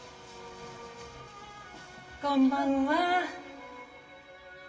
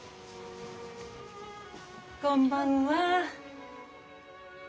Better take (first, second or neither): second